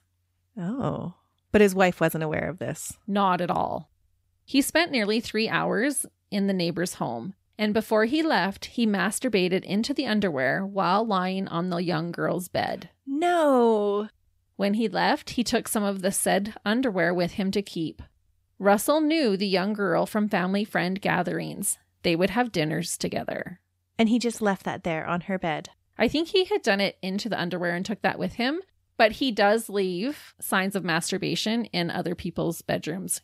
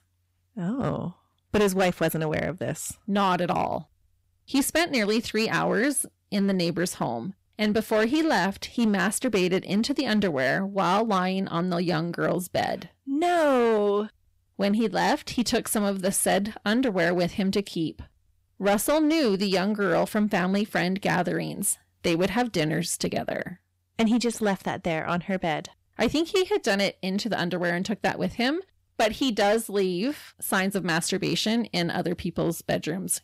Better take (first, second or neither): first